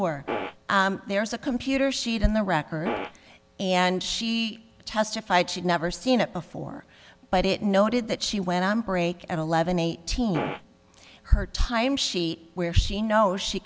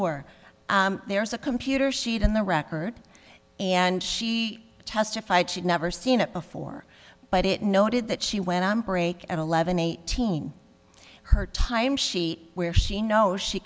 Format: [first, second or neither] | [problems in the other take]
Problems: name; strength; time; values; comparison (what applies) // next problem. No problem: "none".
second | background sound (Fart); 5 dB below the speech